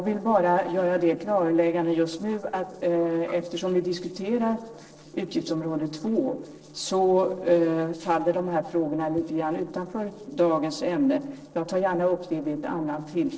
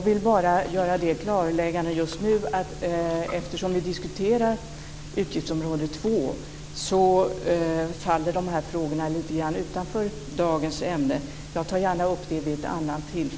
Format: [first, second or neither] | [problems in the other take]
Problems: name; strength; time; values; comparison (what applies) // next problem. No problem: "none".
second | noise reduction (neural separator model SepFormer DNS4)